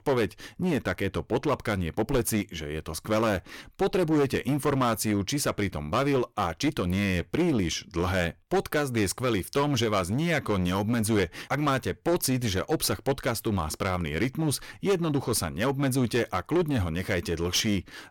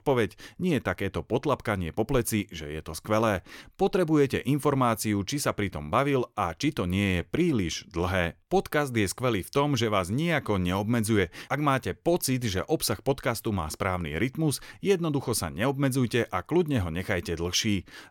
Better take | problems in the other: second | distortion; slight; 9% of the sound clipped

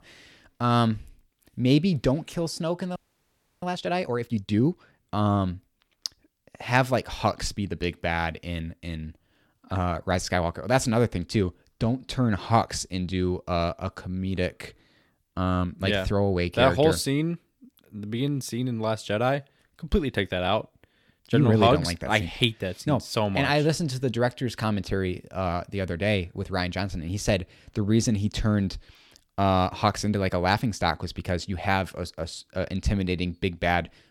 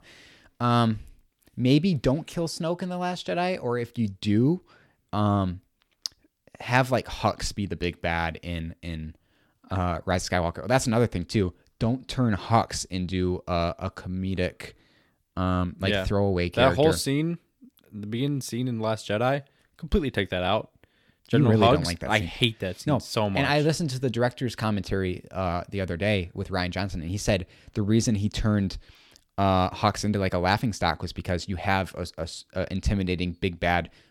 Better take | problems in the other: second | audio freezing; at 3 s for 0.5 s

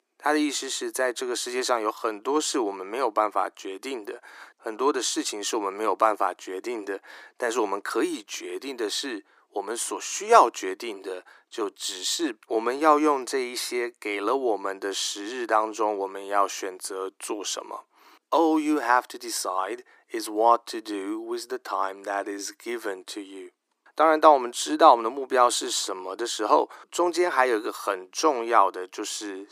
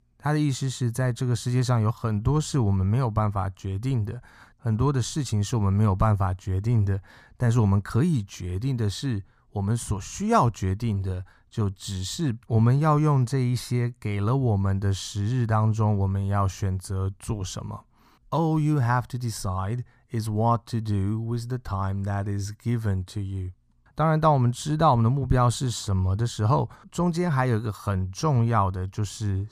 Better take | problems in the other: second | thin; very; fading below 300 Hz

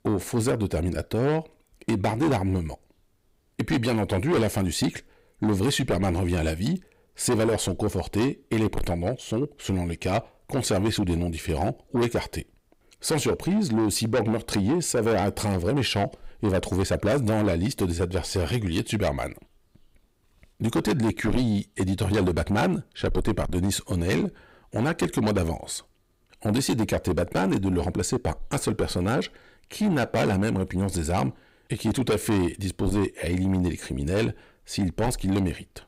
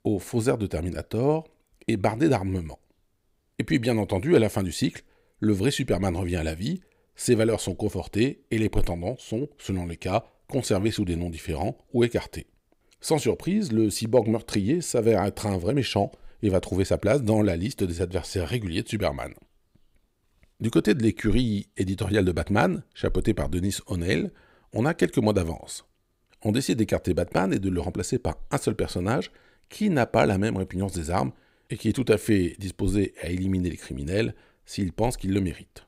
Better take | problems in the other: second | distortion; heavy; 7 dB below the speech

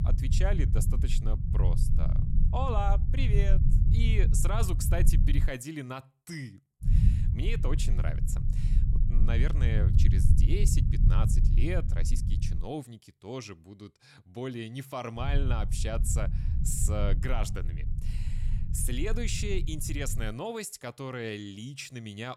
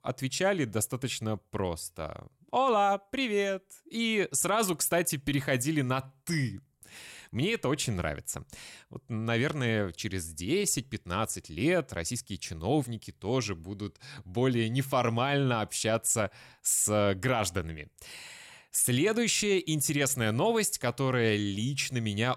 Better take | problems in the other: second | low rumble; loud; until 5.5 s, from 7 to 13 s and from 15 to 20 s; 7 dB below the speech

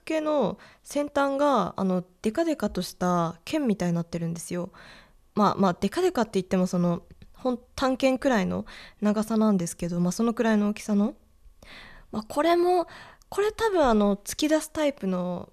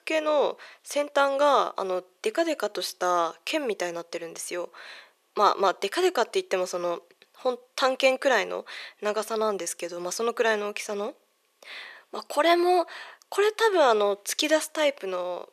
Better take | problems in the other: first | thin; very; fading below 400 Hz

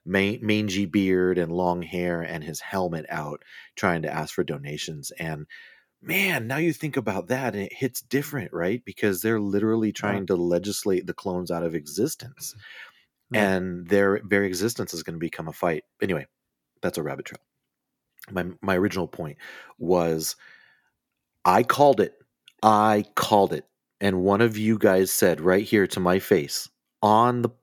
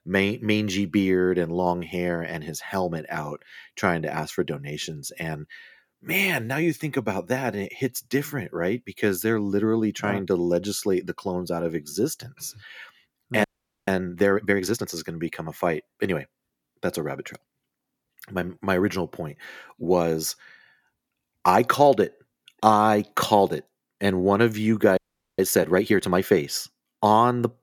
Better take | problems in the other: first | audio freezing; at 13 s and at 25 s

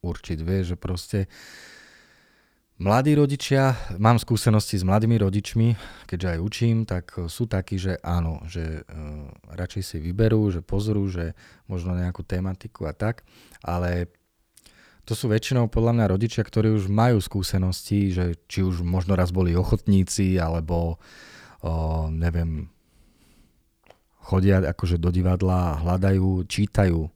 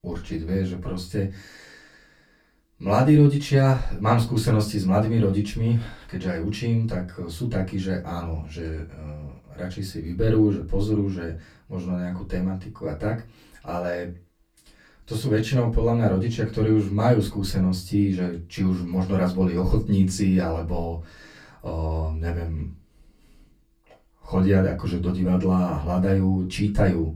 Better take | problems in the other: first | off-mic speech; far // room echo; very slight; dies away in 0.2 s

